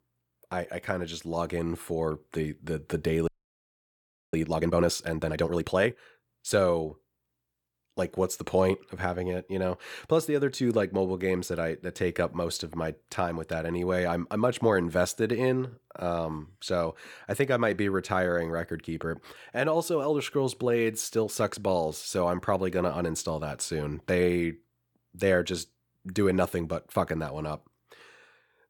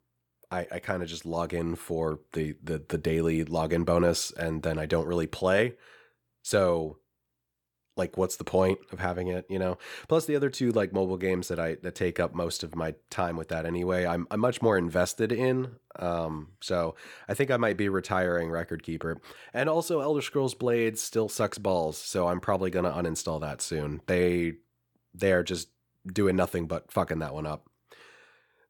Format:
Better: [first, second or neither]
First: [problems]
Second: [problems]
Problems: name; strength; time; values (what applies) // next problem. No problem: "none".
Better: second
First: audio freezing; at 3.5 s for 1 s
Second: none